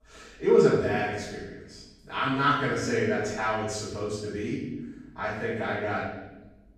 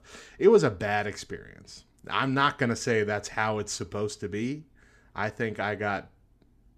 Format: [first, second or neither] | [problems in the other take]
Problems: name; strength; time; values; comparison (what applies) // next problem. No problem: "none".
second | room echo; strong; dies away in 0.9 s // off-mic speech; far